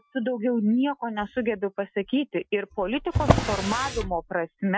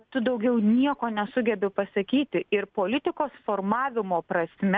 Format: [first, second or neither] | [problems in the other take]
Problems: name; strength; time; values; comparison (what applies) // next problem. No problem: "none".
second | noise reduction (classical method Wiener filter)